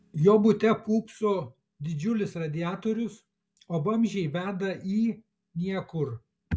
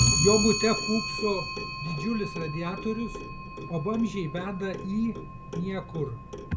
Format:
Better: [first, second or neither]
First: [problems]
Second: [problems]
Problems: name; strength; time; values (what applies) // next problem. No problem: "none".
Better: first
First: none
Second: background sound (Clock); 2 dB below the speech